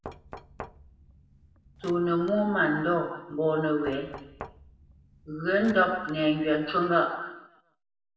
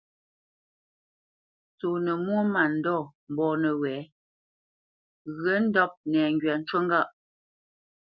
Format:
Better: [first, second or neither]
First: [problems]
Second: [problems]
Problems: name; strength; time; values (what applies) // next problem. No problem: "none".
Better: second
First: background sound (Knock); 19 dB below the speech // room echo; dies away in 1 s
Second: none